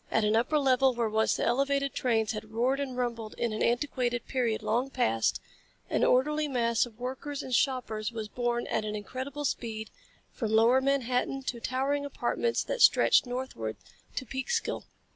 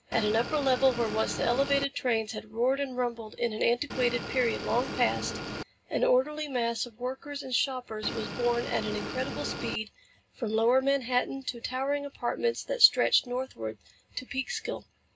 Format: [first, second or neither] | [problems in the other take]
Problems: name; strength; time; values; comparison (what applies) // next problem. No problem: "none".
first | background sound (Motor vehicle (road) / Engine); 7 dB below the speech // room echo; dies away in 0.2 s